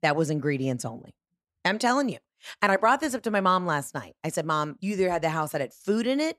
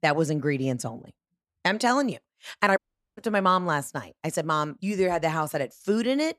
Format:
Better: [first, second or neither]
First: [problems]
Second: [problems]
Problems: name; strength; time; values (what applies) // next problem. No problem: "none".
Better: first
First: none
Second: audio cutting out; at 3 s